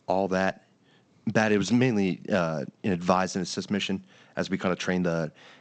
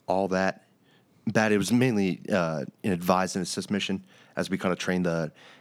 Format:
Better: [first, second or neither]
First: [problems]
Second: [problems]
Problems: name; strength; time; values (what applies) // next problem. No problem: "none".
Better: second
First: garbled, watery; slightly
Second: none